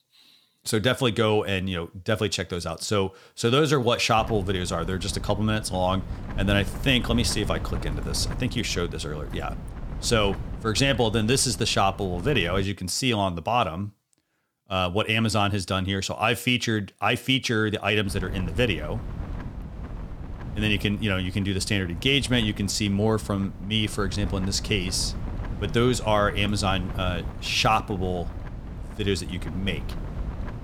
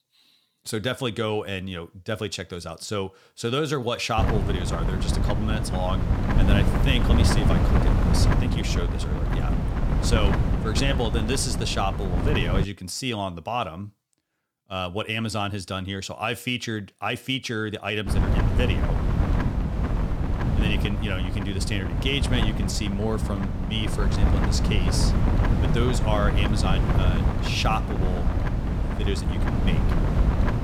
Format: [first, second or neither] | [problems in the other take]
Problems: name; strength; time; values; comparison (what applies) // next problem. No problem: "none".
first | wind noise on the microphone; heavy; from 4 to 13 s and from 18 s on; 3 dB below the speech; occasional gusts in the first